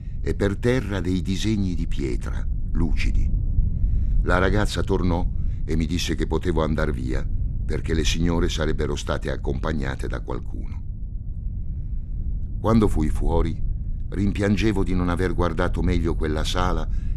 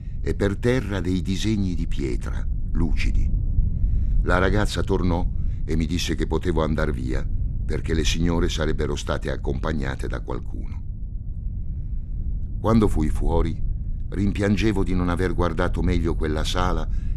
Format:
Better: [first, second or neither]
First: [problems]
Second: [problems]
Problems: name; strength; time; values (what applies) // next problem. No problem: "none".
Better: neither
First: low rumble; noticeable; throughout; 20 dB below the speech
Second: low rumble; noticeable; throughout; 20 dB below the speech